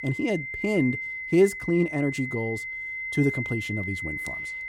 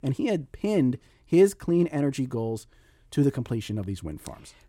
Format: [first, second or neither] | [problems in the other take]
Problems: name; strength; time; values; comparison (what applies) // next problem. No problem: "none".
second | high-pitched whine; loud; throughout; 2 kHz, 5 dB below the speech